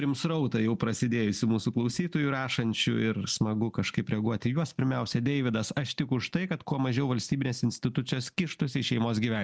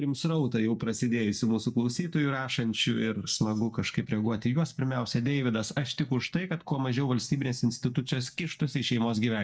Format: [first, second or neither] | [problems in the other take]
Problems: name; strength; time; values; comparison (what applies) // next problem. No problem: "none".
first | noise reduction (neural mask model DeepFilterNet 3)